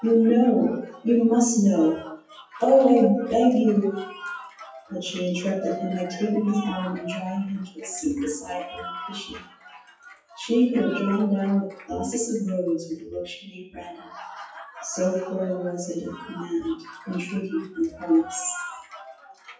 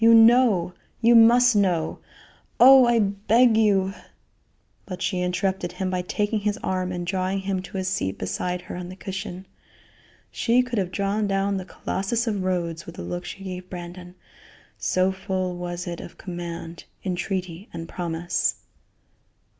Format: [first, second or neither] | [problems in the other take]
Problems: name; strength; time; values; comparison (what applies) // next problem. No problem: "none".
second | noise reduction (classical method WPE with log-MMSE)